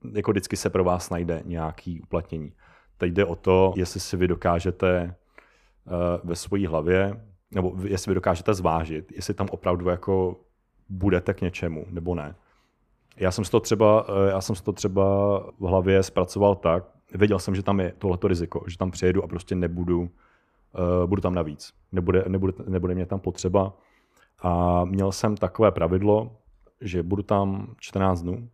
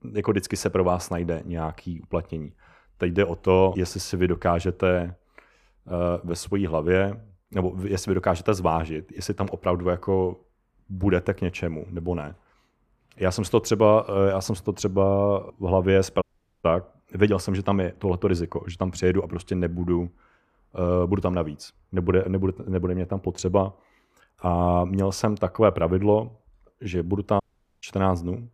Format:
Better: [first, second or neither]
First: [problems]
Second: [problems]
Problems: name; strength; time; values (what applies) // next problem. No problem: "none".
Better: first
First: none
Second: audio cutting out; at 16 s and at 27 s